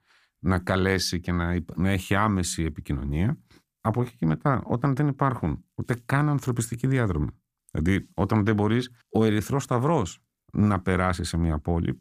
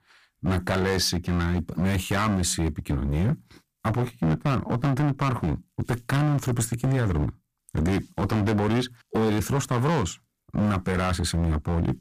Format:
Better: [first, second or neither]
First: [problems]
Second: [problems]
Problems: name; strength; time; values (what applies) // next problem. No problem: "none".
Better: first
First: none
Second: distortion; heavy; 16% of the sound clipped